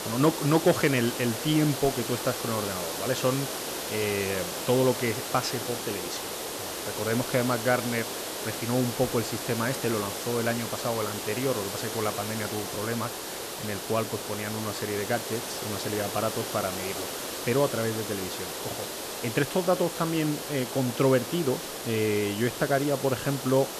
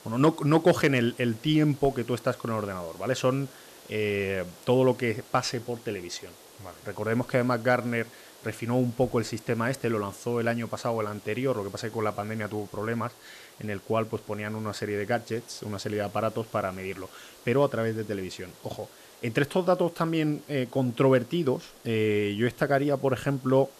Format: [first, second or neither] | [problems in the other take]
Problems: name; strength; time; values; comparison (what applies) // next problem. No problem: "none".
second | hiss; loud; throughout; 4 dB below the speech; faint in the second